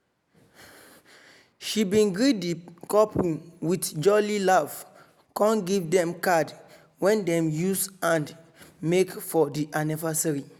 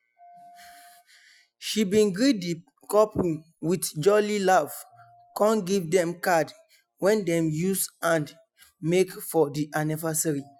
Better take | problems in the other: first | noise reduction (classical method Wiener filter)

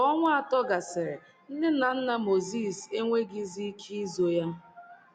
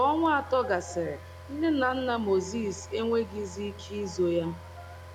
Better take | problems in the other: first | background sound (Car); 16 dB below the speech

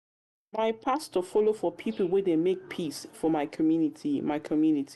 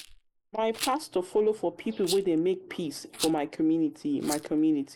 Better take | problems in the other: first | noise reduction (neural mask model Resemble Enhance denoiser)

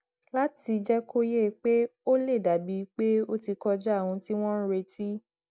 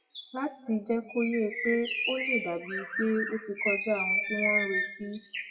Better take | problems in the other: first | noise reduction (classical method WPE with log-MMSE)

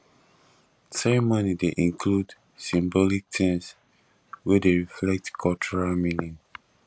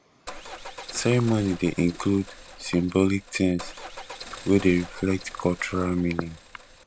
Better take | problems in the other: first | background sound (Car); 16 dB below the speech

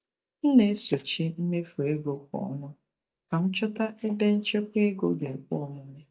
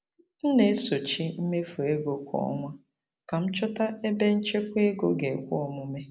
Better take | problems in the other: second | noise reduction (neural mask model DeepFilterNet 3)

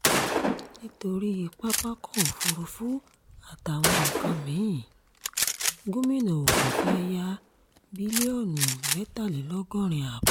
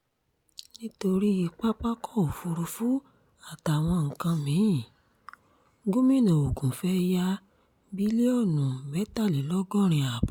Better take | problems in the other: second | background sound (Gunshot, gunfire); as loud as the speech

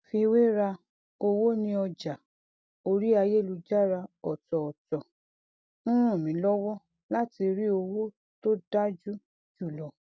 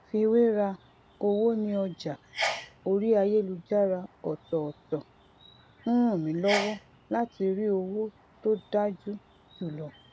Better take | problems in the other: first | background sound (Sneeze); 13 dB below the speech

